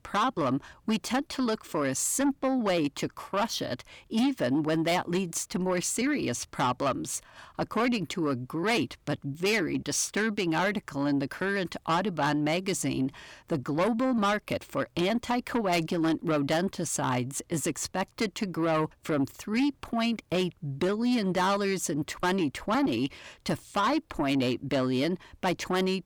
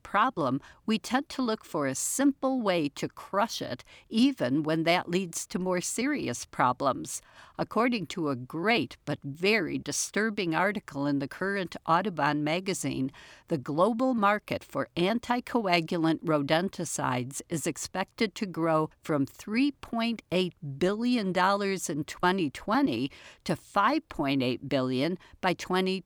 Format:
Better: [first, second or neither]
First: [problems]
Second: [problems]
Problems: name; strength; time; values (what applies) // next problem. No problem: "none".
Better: second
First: distortion; slight; 10 dB below the speech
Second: none